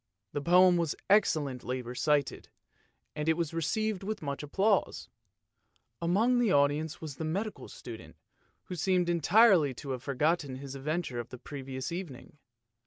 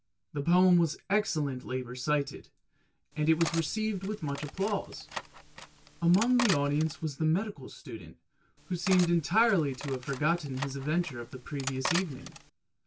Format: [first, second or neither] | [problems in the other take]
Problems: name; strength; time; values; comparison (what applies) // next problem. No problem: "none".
first | background sound (Cutlery, silverware); 10 dB below the speech // room echo; dies away in 0.1 s